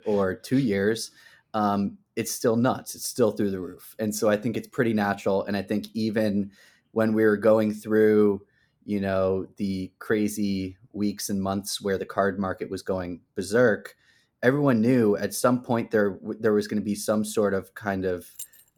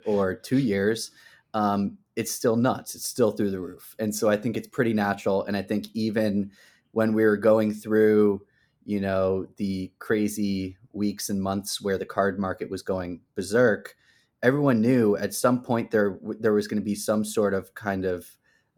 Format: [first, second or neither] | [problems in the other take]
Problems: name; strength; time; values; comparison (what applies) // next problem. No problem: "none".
second | jangling keys; faint; at 18 s; peak 15 dB below the speech